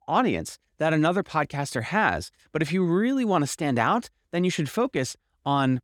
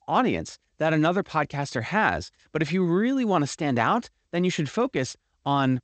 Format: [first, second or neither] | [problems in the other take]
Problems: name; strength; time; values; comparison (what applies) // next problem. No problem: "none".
first | garbled, watery; slightly; nothing above 8 kHz